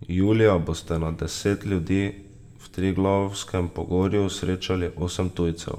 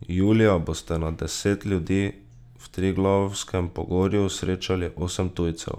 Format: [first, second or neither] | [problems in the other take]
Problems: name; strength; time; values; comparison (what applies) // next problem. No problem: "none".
second | room echo; dies away in 1.6 s